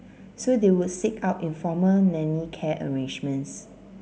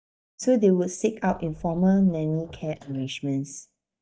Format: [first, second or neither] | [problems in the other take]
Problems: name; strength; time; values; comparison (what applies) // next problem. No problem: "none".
first | noise reduction (neural mask model DeepFilterNet 3)